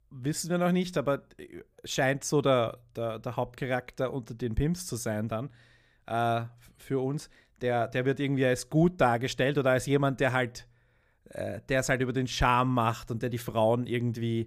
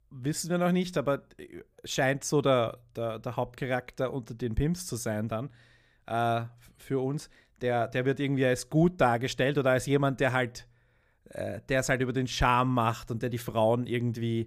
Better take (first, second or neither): neither